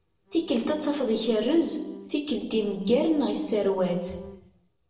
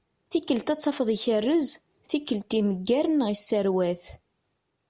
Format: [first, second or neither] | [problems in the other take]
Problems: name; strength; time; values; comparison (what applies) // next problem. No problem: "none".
second | noise reduction (neural separator model SepFormer DNS4)